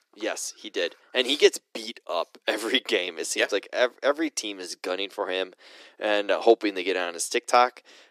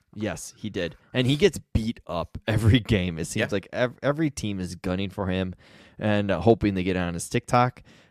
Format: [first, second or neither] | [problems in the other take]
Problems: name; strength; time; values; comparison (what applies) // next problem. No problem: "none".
second | thin; very; fading below 350 Hz